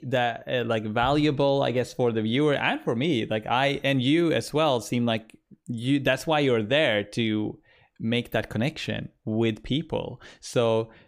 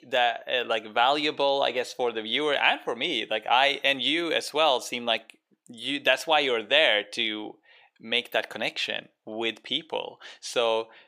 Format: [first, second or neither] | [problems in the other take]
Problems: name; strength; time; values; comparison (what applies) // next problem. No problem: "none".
first | thin; somewhat; fading below 500 Hz